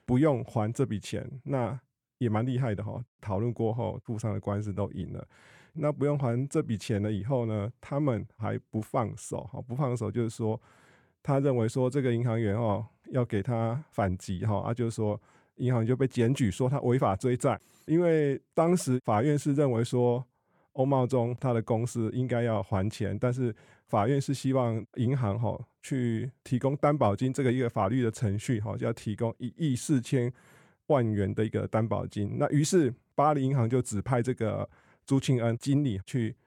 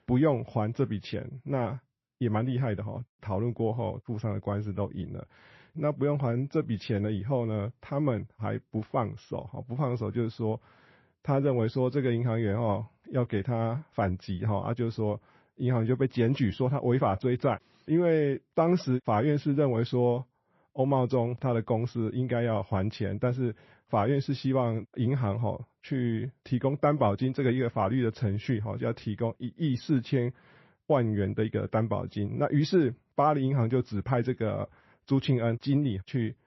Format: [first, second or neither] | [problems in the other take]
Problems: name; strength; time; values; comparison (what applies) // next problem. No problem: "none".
first | garbled, watery; slightly; nothing above 5.5 kHz